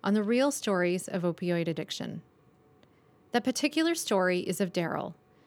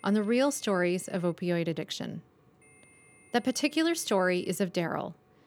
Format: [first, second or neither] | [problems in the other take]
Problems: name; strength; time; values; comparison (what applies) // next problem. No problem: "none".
first | high-pitched whine; faint; until 1.5 s and from 2.5 to 4.5 s; 2 kHz, 30 dB below the speech